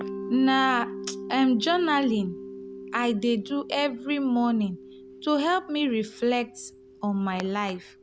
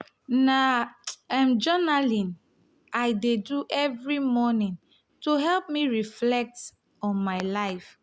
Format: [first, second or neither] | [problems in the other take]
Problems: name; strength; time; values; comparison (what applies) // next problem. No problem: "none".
second | background sound (Mallet percussion); 13 dB below the speech